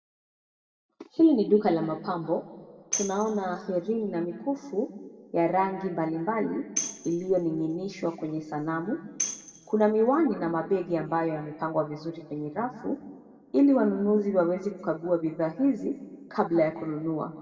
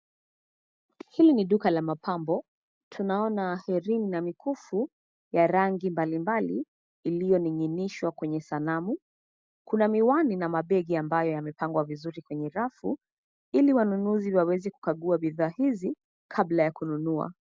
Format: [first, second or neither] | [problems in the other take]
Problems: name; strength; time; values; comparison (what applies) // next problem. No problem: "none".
second | background sound (Tambourine); 10 dB below the speech // room echo; dies away in 1.5 s